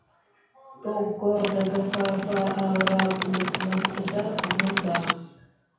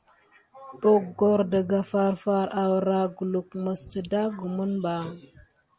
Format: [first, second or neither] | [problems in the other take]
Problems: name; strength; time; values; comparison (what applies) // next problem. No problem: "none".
second | background sound (Typing); 2 dB below the speech // room echo; dies away in 0.7 s